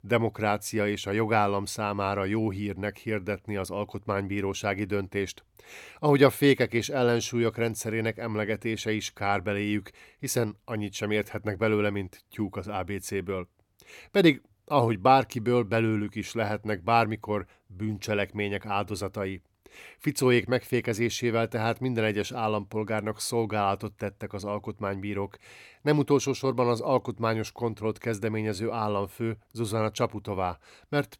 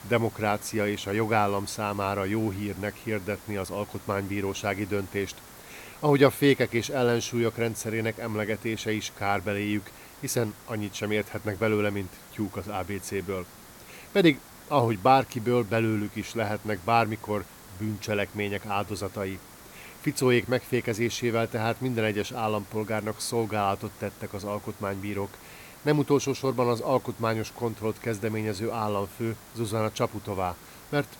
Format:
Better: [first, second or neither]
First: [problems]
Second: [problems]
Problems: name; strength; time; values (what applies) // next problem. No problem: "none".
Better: first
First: none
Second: hiss; noticeable; throughout; 20 dB below the speech